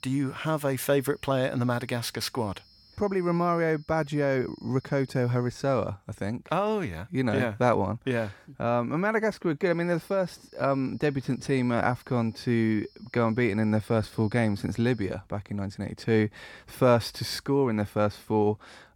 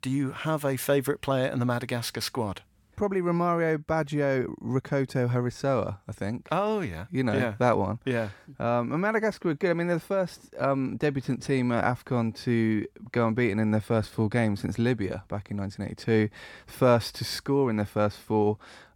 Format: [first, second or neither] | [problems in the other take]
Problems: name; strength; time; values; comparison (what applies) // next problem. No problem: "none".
second | high-pitched whine; faint; until 6 s and from 9.5 to 15 s; 5.5 kHz, 30 dB below the speech